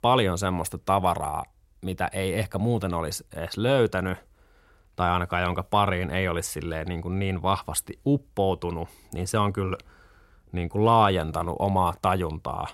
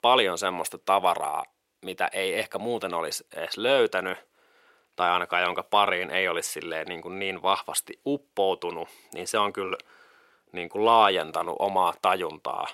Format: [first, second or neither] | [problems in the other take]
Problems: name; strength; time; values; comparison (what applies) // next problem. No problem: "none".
first | thin; somewhat; fading below 400 Hz